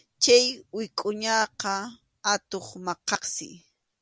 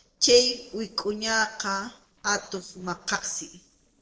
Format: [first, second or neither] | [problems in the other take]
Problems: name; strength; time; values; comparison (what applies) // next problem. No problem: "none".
first | noise reduction (neural separator model SepFormer DNS4)